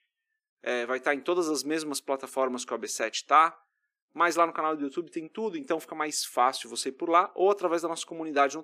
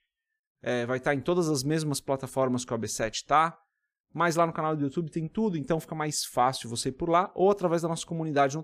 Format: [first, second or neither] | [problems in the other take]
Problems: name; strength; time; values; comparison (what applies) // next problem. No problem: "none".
second | thin; somewhat; fading below 300 Hz